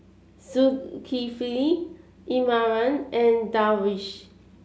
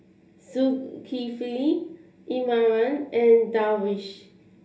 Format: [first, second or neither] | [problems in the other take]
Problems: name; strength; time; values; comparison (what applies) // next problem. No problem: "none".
first | room echo; dies away in 0.3 s